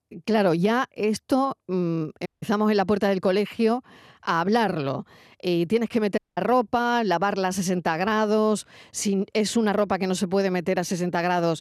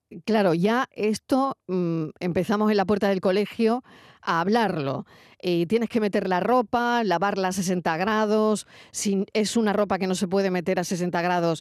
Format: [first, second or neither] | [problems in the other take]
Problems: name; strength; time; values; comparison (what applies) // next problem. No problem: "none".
second | audio cutting out; at 2.5 s and at 6 s